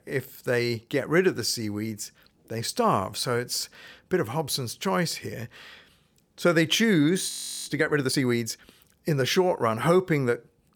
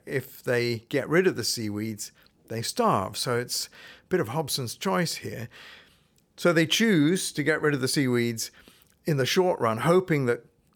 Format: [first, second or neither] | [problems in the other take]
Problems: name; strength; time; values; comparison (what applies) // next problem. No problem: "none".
second | audio freezing; at 7.5 s